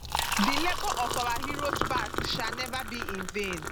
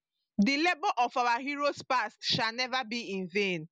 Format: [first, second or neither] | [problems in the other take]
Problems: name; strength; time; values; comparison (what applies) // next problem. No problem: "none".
second | background sound (Liquid); 2 dB above the speech